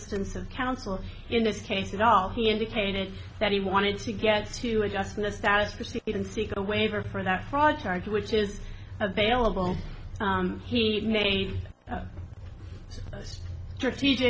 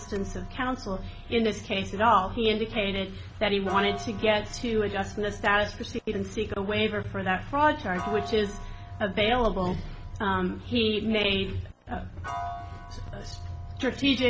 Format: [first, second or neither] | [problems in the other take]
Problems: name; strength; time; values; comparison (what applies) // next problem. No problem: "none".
first | background sound (Piano); 17 dB below the speech